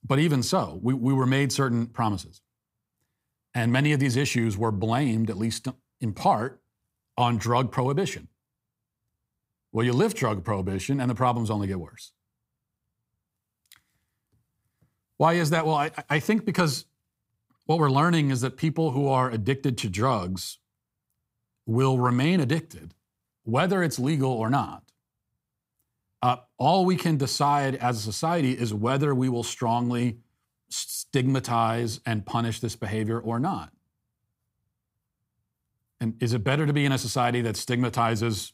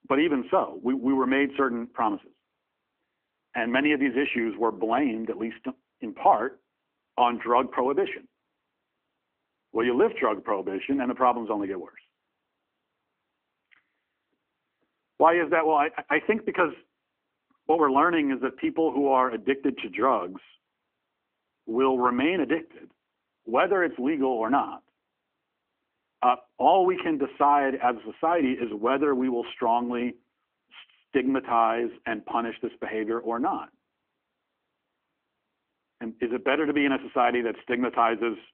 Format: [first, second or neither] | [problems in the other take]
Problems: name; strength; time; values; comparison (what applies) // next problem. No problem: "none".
first | phone-call audio; nothing above 3 kHz